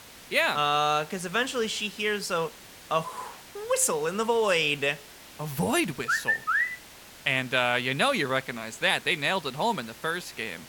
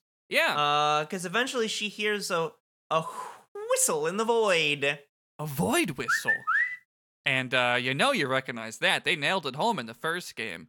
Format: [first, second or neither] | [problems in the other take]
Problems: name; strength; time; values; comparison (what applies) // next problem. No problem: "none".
second | hiss; noticeable; throughout; 20 dB below the speech